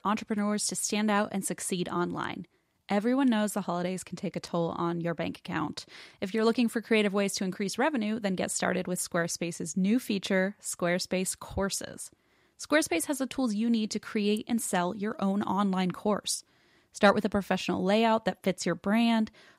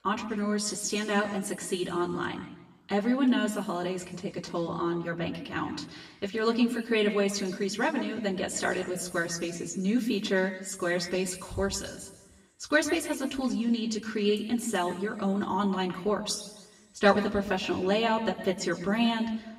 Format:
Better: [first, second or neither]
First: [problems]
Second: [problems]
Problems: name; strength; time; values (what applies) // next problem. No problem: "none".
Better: first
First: none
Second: room echo; slight; dies away in 1.1 s // off-mic speech; far